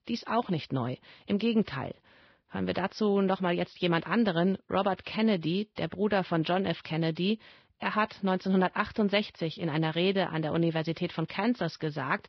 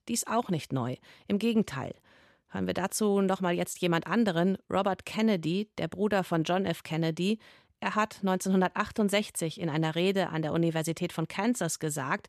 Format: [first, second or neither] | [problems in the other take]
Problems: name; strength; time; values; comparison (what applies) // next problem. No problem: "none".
second | garbled, watery; badly; nothing above 5.5 kHz